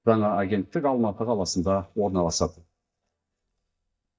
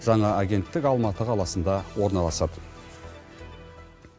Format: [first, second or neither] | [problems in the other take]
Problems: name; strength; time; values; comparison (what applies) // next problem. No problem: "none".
second | noise reduction (neural mask model DeepFilterNet 3)